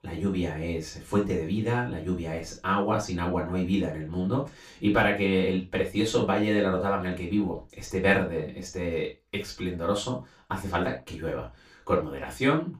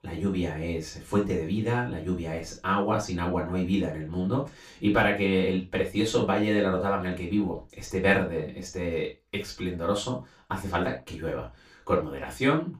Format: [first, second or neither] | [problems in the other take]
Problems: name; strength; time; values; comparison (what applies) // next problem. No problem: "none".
neither | room echo; noticeable; dies away in 0.2 s; the same in both // off-mic speech; far; the same in both